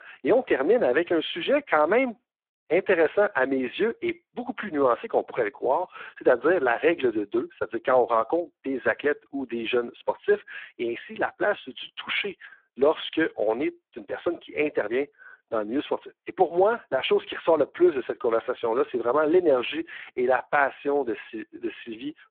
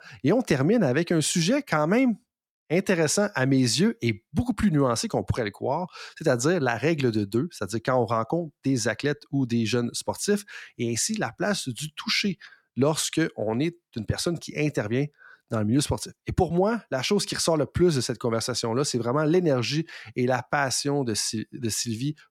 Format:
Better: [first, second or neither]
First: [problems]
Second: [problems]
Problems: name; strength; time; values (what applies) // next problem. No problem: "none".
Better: second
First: phone-call audio; poor line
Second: none